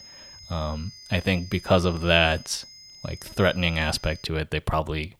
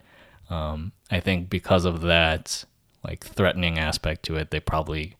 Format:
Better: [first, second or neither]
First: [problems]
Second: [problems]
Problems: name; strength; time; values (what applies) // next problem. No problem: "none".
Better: second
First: high-pitched whine; noticeable; until 4 s; 5 kHz, 20 dB below the speech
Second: none